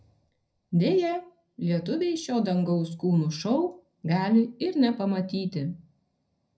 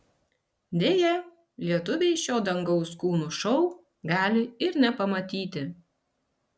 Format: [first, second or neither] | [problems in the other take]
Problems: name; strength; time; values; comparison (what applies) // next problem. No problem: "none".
second | room echo; dies away in 0.4 s